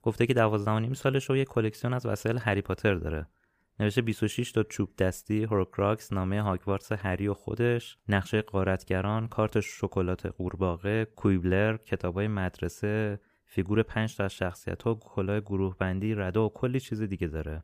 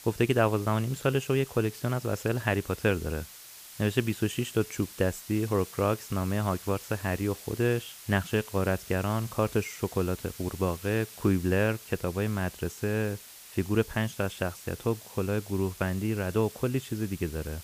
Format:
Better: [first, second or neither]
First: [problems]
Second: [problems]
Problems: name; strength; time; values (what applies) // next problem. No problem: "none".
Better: first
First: none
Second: hiss; noticeable; throughout; 15 dB below the speech